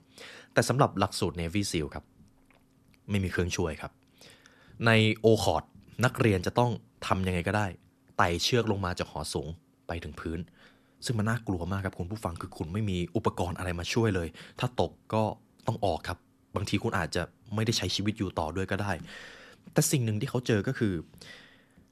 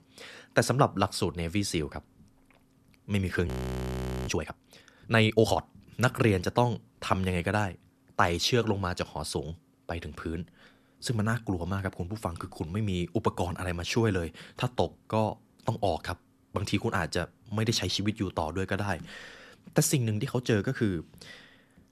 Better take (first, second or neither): first